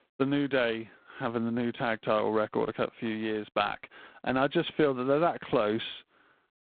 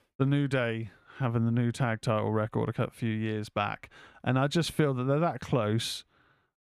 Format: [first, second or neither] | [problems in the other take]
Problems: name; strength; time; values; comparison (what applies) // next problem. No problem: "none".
second | phone-call audio; poor line; nothing above 3.5 kHz